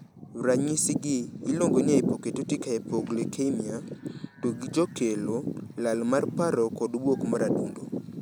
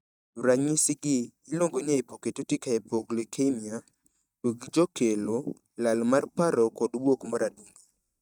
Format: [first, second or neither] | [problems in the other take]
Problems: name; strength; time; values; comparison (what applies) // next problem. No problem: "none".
first | noise reduction (neural mask model DeepFilterNet 3)